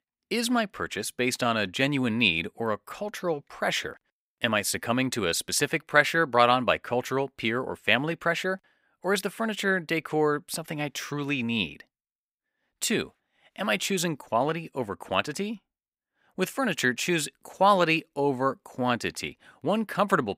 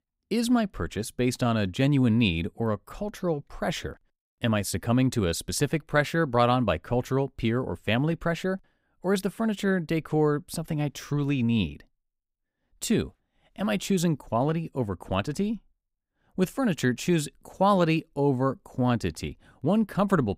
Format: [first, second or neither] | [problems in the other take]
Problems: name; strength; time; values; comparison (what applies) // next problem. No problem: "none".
second | thin; somewhat; fading below 550 Hz